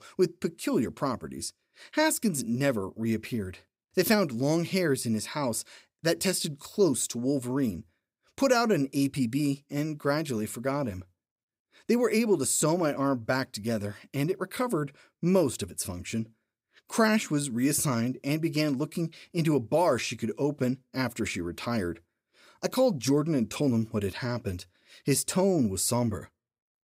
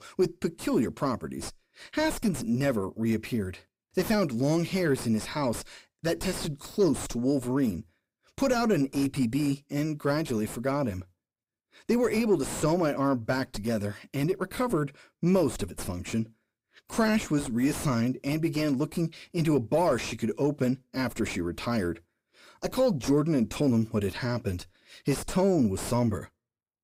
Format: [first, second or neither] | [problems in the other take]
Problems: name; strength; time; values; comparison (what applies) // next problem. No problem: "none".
first | distortion; slight; 6 dB below the speech